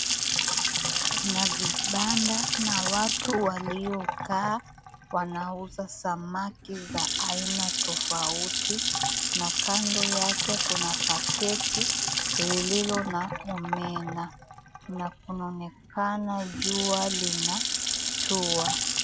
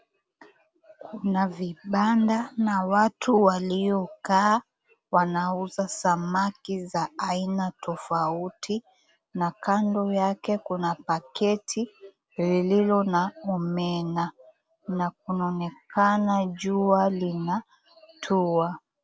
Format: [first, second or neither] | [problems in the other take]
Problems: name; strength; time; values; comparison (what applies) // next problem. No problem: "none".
second | background sound (Sink (filling or washing) / Water tap, faucet / Splash, splatter); 3 dB above the speech